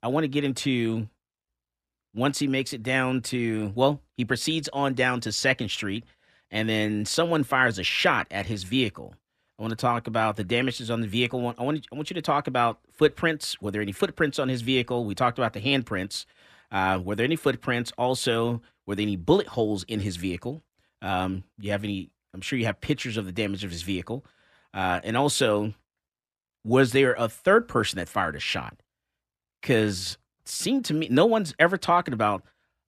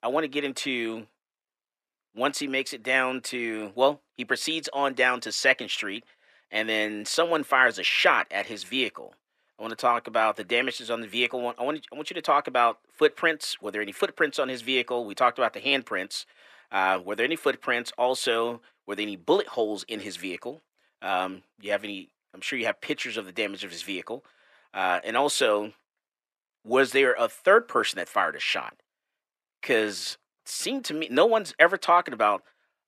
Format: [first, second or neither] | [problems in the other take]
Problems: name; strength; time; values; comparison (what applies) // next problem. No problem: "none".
first | thin; somewhat; fading below 400 Hz